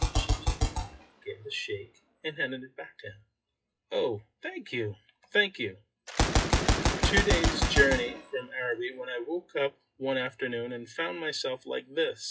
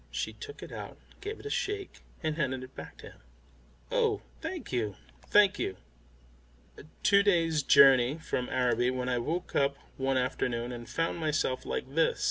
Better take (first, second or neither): second